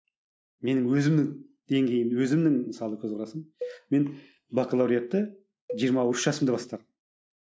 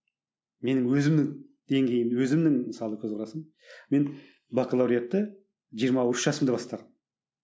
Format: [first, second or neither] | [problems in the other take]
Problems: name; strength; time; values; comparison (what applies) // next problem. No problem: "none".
second | noise reduction (neural mask model RNNoise)